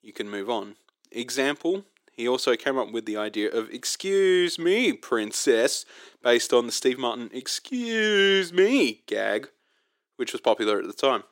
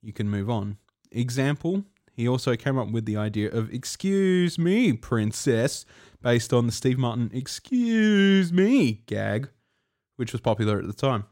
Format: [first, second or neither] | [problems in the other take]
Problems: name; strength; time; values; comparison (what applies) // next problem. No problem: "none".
second | thin; somewhat; fading below 350 Hz